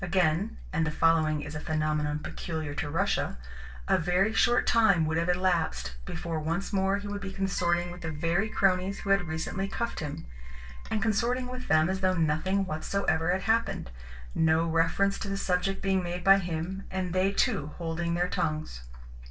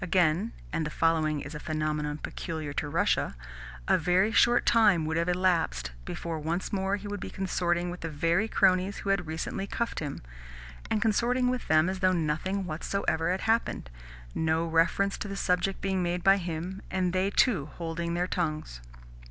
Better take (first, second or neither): second